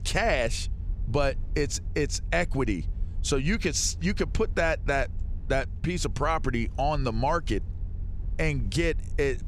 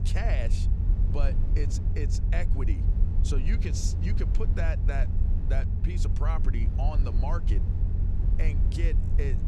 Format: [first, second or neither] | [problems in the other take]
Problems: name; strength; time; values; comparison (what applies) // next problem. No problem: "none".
first | low rumble; loud; throughout; 5 dB below the speech; faint in the first